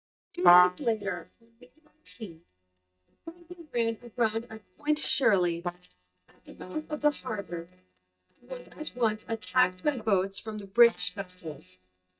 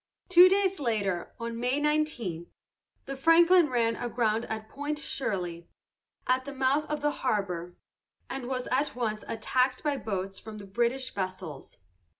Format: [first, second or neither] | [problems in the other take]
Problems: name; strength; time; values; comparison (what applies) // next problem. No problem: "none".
second | noise reduction (neural mask model DeepFilterNet 3)